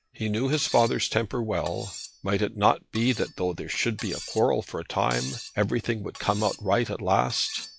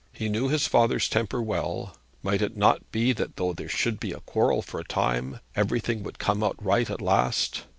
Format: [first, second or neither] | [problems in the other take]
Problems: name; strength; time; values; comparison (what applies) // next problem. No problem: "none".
second | noise reduction (classical method log-MMSE)